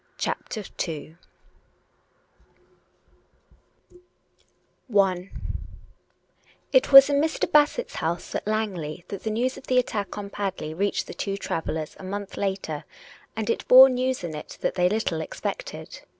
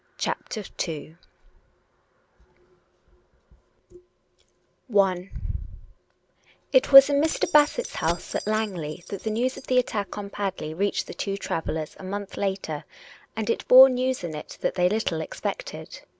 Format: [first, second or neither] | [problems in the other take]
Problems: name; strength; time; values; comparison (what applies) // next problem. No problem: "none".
first | background sound (Keys jangling); 13 dB below the speech